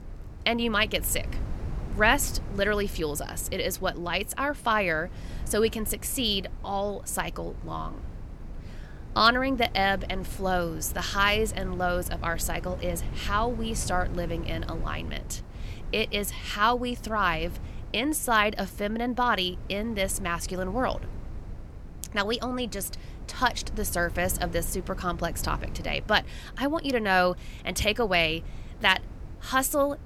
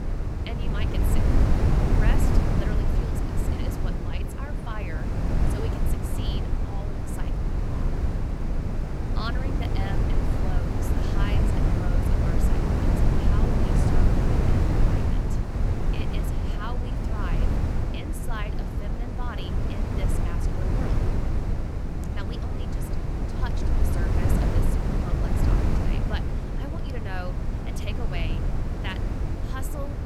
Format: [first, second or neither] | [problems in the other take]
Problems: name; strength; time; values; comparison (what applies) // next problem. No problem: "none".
first | wind noise on the microphone; heavy; 5 dB above the speech; occasional gusts in the first